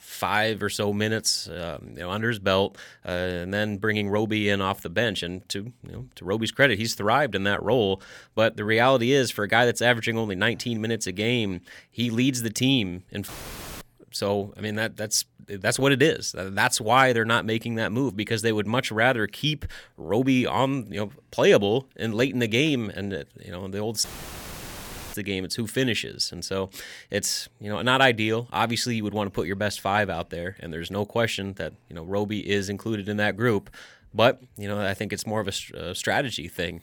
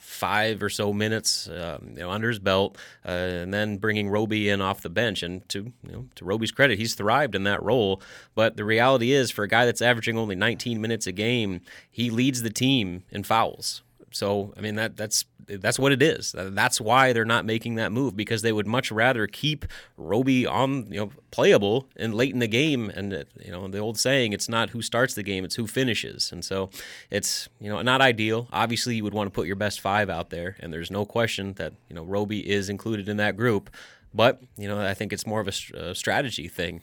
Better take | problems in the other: second | audio cutting out; filled with static; at 13 s for 0.5 s and at 24 s for 1 s

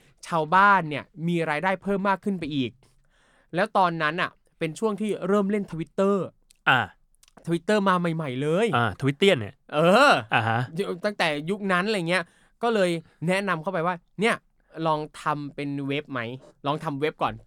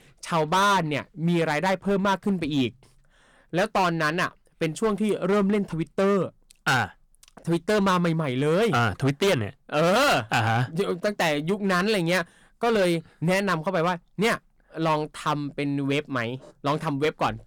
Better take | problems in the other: first | distortion; heavy; 11% of the sound clipped

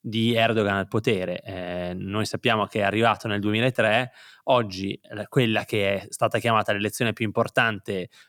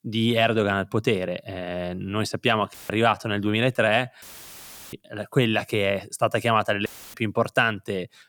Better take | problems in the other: first | audio cutting out; filled with static; at 2.5 s, at 4 s for 0.5 s and at 7 s

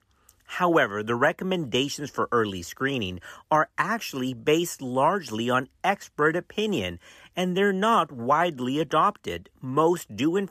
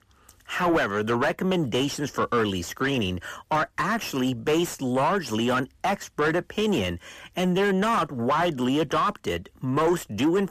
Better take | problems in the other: first | distortion; heavy; 7 dB below the speech

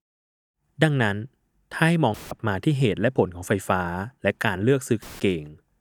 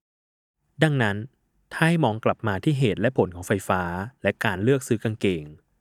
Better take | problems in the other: second | audio cutting out; filled with static; at 2 s and at 5 s

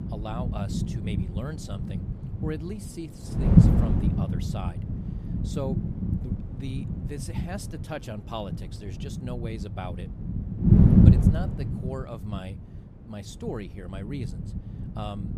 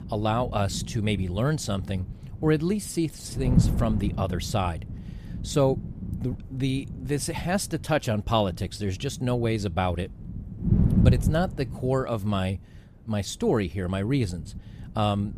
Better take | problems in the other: second | wind noise on the microphone; heavy; 5 dB above the speech; occasional gusts in the second

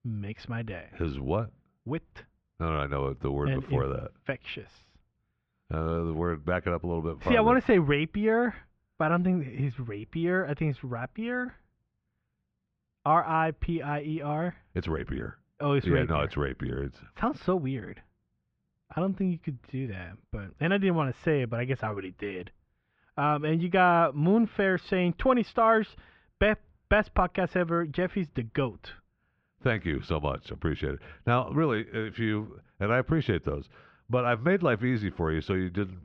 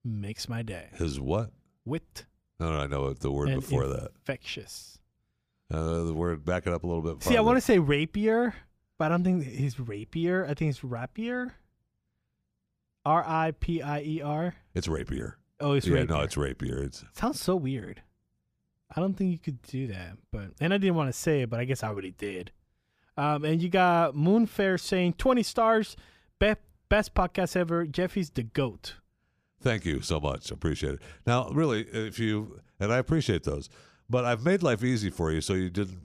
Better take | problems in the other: second | muffled; very; fading above 3 kHz

